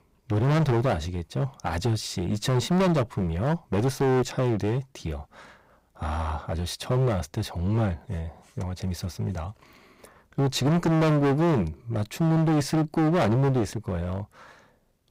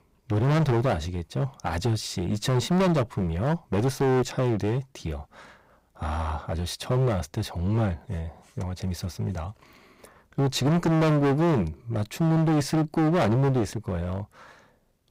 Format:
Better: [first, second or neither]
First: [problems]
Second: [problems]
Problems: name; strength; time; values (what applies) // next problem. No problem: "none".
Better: neither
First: distortion; heavy; 16% of the sound clipped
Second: distortion; heavy; 16% of the sound clipped